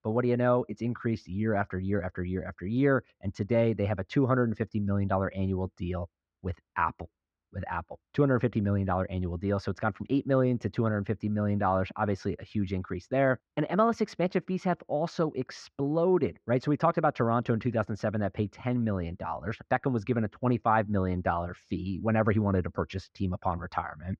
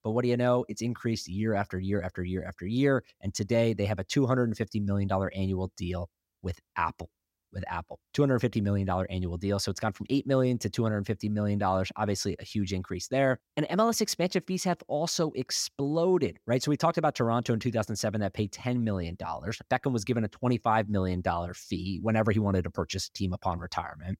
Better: second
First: muffled; very; fading above 2 kHz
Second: none

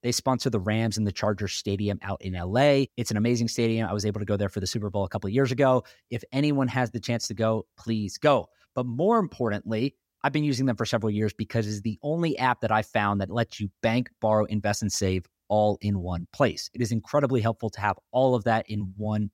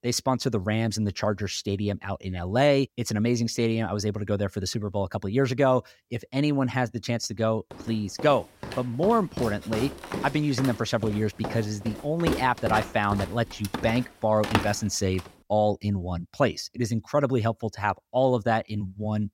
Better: first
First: none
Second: footsteps; noticeable; from 8 to 15 s; peak 1 dB below the speech

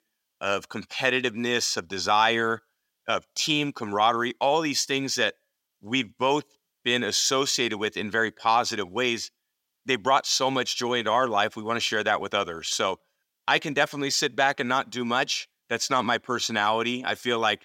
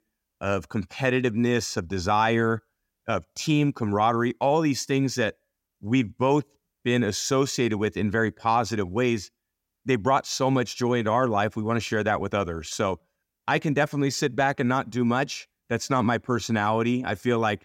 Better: second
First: thin; somewhat; fading below 700 Hz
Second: none

